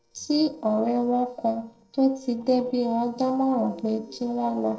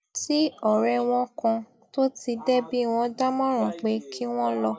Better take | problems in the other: second | noise reduction (neural separator model SepFormer DNS4)

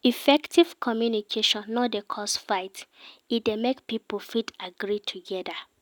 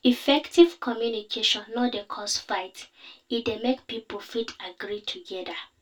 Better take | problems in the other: first | room echo; dies away in 0.2 s

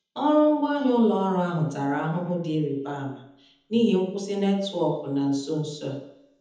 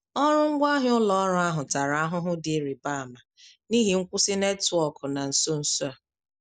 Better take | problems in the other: second | room echo; dies away in 1 s

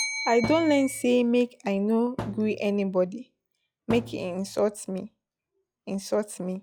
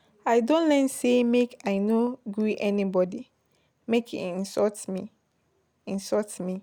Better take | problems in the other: second | noise reduction (classical method log-MMSE)

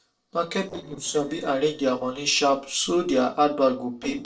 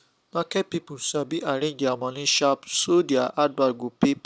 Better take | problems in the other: second | noise reduction (neural separator model SepFormer DNS4)

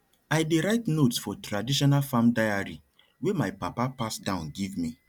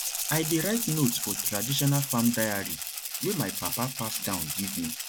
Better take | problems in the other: first | background sound (Rattle (instrument)); 3 dB below the speech

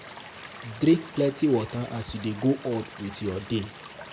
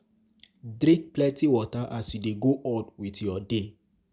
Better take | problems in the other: second | background sound (Stream / Liquid); 16 dB below the speech

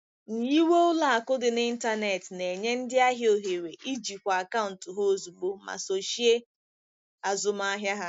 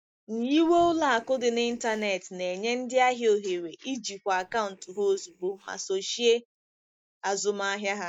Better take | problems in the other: first | noise reduction (neural mask model DeepFilterNet 3)

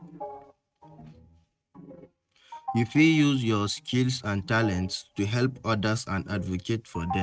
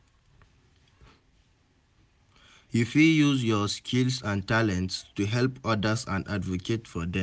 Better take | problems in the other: second | noise reduction (neural mask model RNNoise)

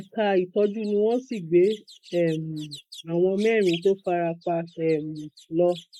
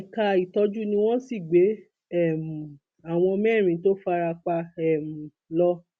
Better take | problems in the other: second | noise reduction (neural mask model Resemble Enhance denoiser)

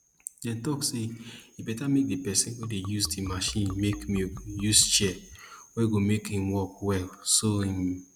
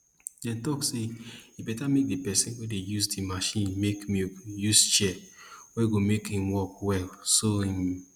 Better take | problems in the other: second | background sound (Liquid); 14 dB below the speech

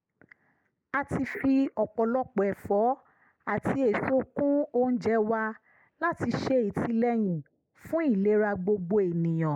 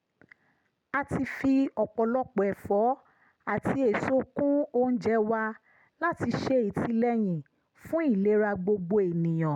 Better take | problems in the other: second | noise reduction (neural mask model Resemble Enhance denoiser)

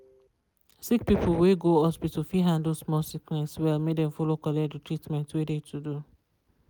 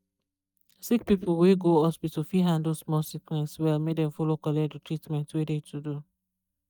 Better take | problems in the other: first | noise reduction (neural mask model DeepFilterNet 3)

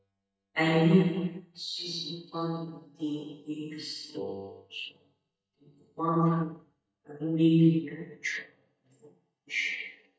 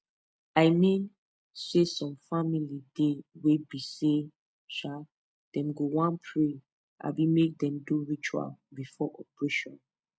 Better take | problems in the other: second | noise reduction (neural mask model DeepFilterNet 3)

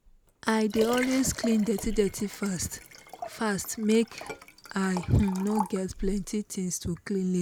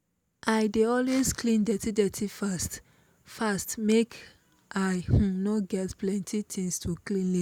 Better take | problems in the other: second | background sound (Liquid); 12 dB below the speech

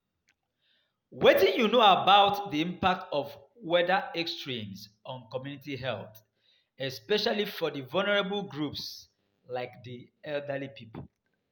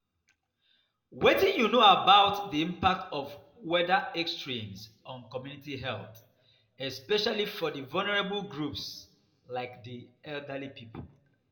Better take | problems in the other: first | room echo; dies away in 0.5 s

